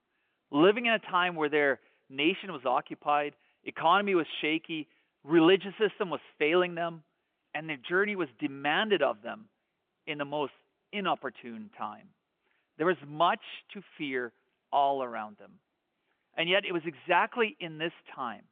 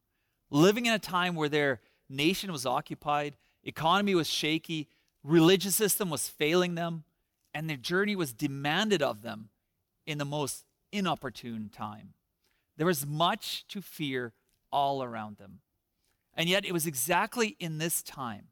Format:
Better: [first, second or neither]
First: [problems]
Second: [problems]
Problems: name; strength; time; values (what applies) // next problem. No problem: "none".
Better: second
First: phone-call audio; nothing above 3 kHz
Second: none